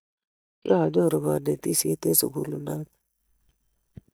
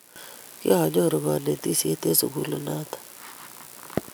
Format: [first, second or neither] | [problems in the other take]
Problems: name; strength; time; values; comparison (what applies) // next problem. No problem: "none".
second | noise reduction (neural mask model DeepFilterNet 3)